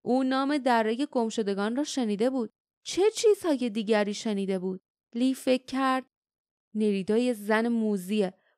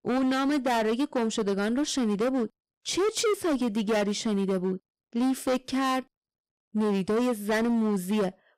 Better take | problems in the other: first | distortion; heavy; 20% of the sound clipped

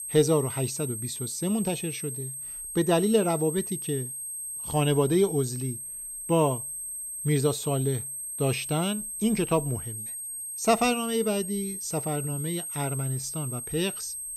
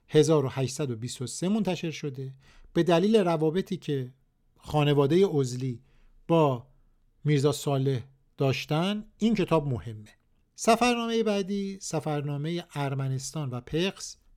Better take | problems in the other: second | high-pitched whine; loud; throughout; 8.5 kHz, 5 dB below the speech

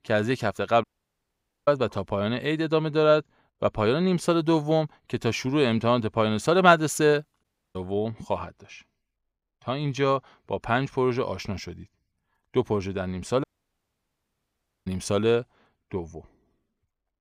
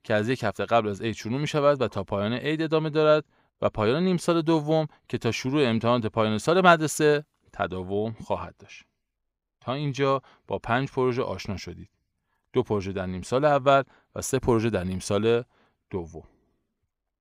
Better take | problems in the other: second | audio cutting out; at 1 s for 1 s, at 7.5 s and at 13 s for 1.5 s

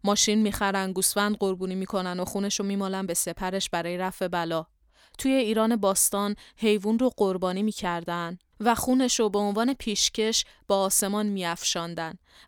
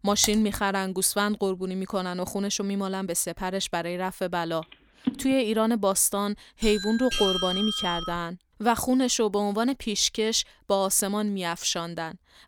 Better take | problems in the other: first | keyboard typing; noticeable; at the start; peak 6 dB below the speech // phone ringing; noticeable; at 5 s; peak 6 dB below the speech // doorbell; loud; from 6.5 to 8 s; peak level with the speech

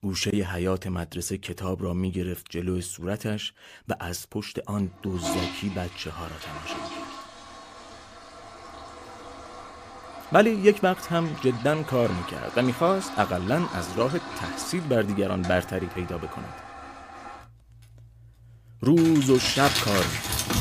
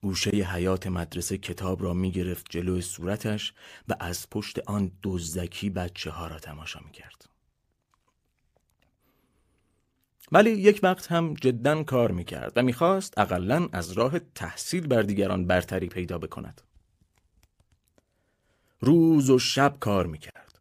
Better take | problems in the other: second | household noises; loud; from 5 s on; 8 dB below the speech

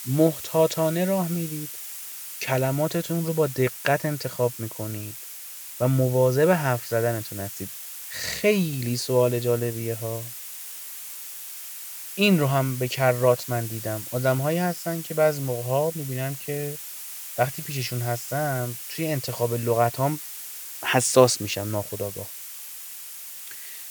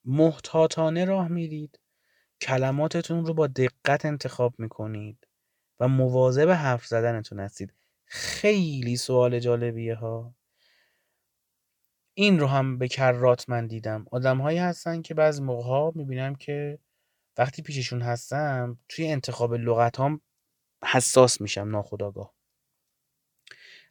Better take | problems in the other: second | hiss; loud; throughout; 10 dB below the speech

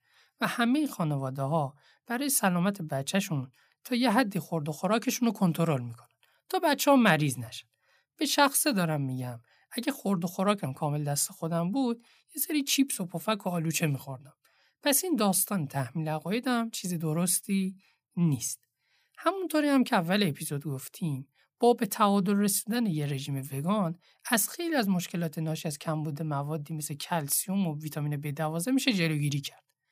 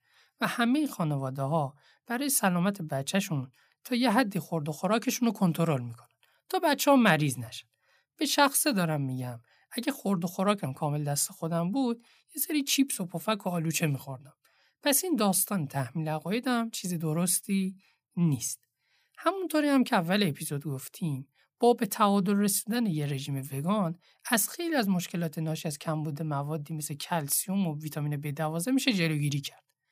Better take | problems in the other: neither | none

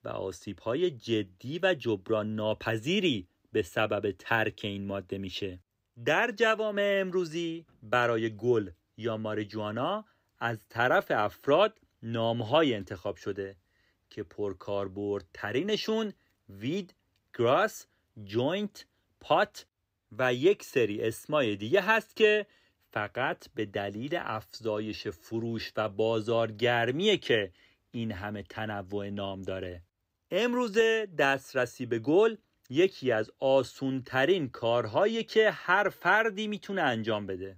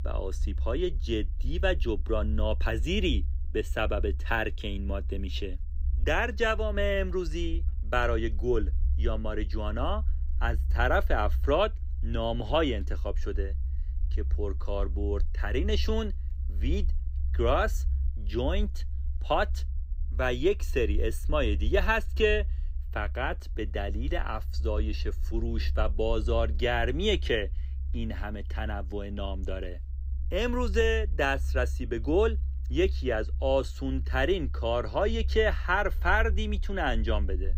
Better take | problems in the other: first | low rumble; faint; throughout; 25 dB below the speech

